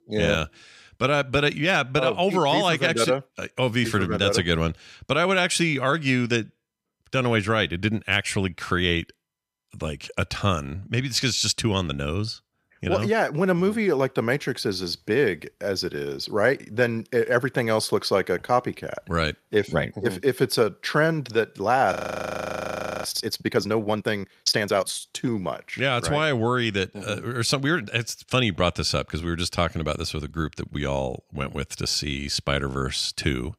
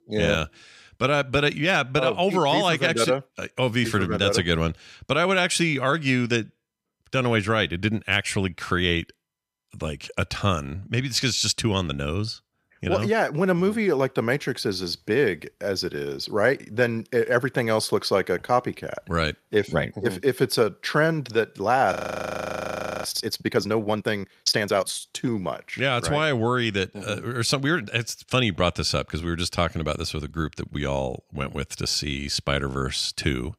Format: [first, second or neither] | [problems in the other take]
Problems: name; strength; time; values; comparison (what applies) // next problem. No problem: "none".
neither | audio freezing; at 22 s for 1 s; the same in both